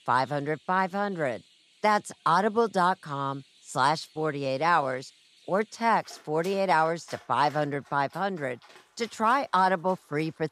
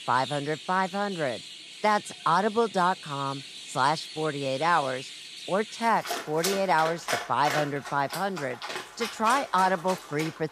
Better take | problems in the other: first | animal sounds; loud; throughout; 9 dB below the speech; faint in the first

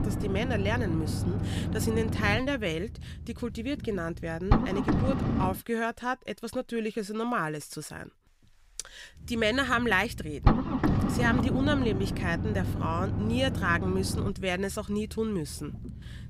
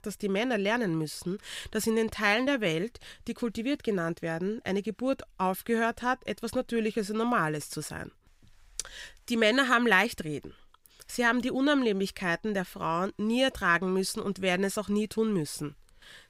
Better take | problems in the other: second | low rumble; loud; until 5.5 s and from 9 s on; 5 dB below the speech

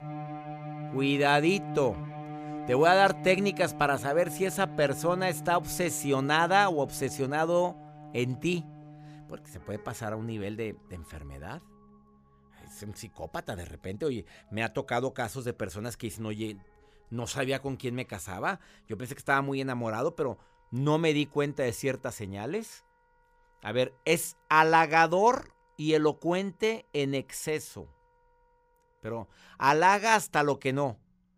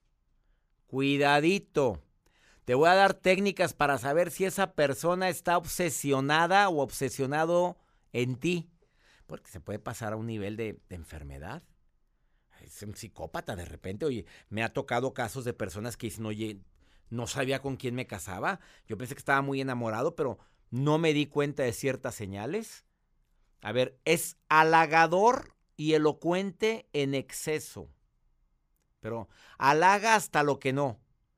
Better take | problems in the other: second | background music; noticeable; throughout; 15 dB below the speech

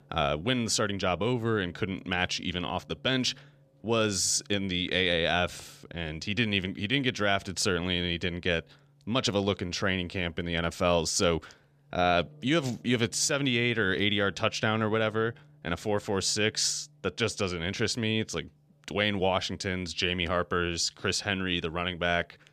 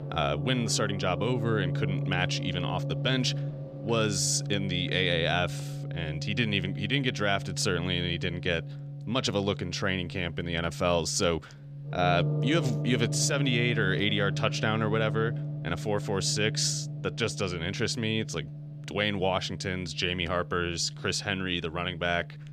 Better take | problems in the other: first | background music; loud; throughout; 6 dB below the speech; faint in the first

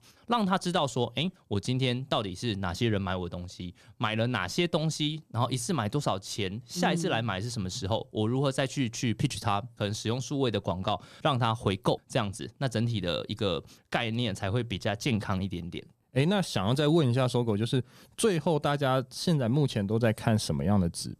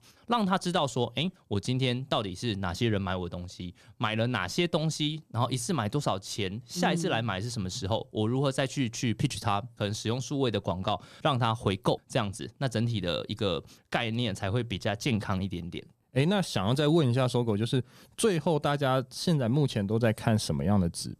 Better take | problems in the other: neither | none

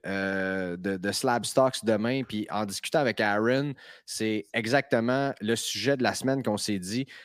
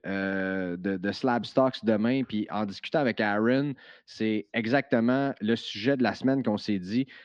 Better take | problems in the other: first | muffled; very slightly; fading above 4.5 kHz

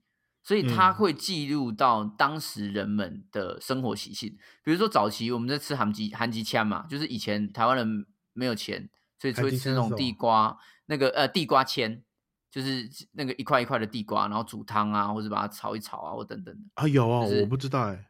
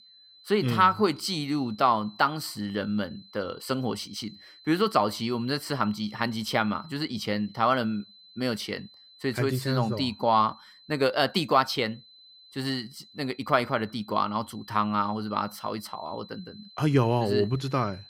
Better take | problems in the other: first | high-pitched whine; faint; throughout; 4 kHz, 25 dB below the speech

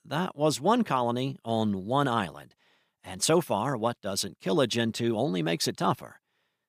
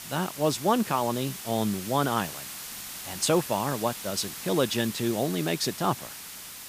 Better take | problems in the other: first | hiss; loud; throughout; 9 dB below the speech

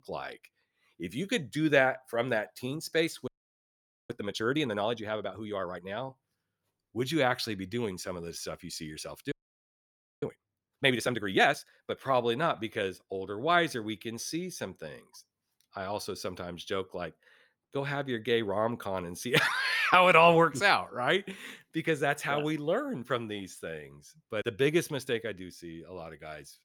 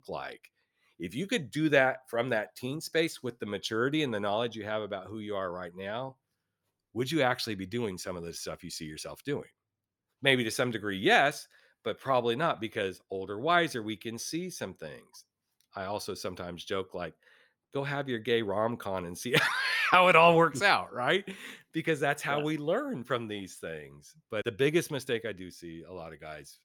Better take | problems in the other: second | audio freezing; at 3.5 s for 1 s and at 9.5 s for 1 s

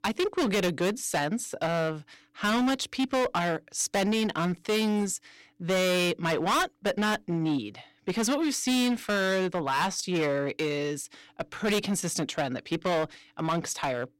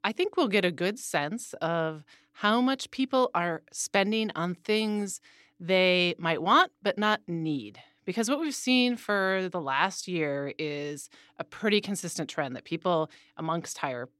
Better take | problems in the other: second | distortion; heavy; 16% of the sound clipped

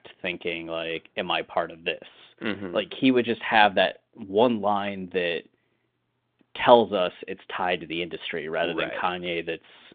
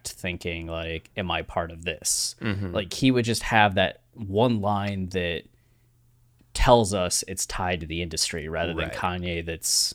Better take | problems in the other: second | phone-call audio; nothing above 3.5 kHz

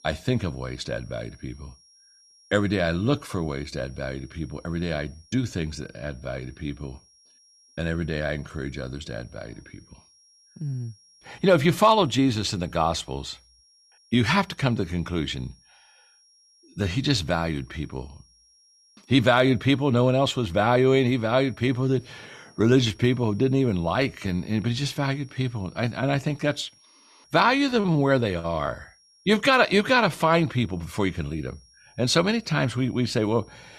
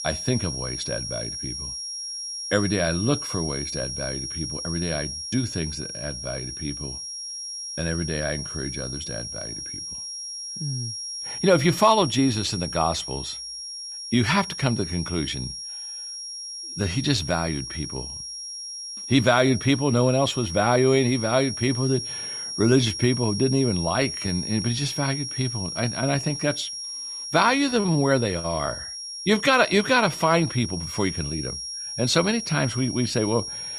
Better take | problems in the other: first | high-pitched whine; loud; throughout; 5.5 kHz, 7 dB below the speech; faint in the first

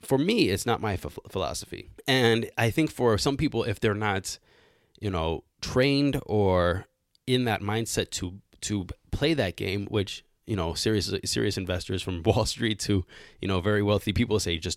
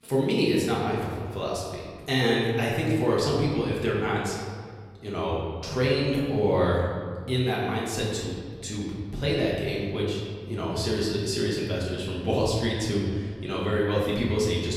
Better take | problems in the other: first | room echo; noticeable; dies away in 1.7 s // off-mic speech; far

